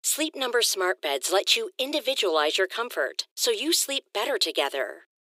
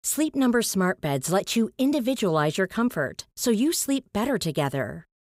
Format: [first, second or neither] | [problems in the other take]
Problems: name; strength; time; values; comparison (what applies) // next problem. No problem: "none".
second | thin; very; fading below 350 Hz